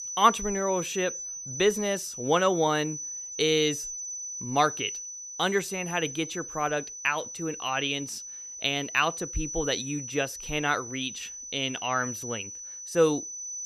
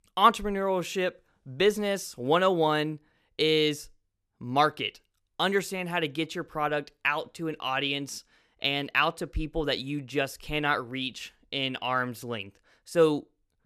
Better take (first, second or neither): second